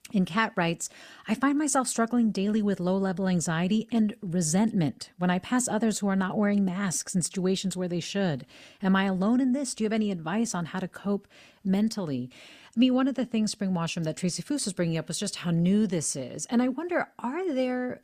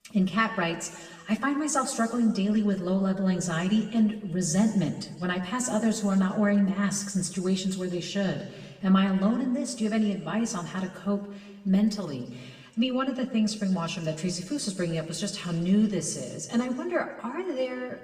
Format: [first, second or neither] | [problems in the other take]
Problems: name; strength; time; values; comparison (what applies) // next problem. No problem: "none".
first | room echo; slight; dies away in 1.3 s // off-mic speech; somewhat distant